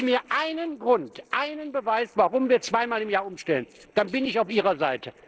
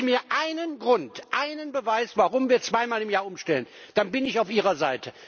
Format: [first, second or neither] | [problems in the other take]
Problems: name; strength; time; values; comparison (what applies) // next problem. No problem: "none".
second | noise reduction (neural separator model SepFormer DNS4)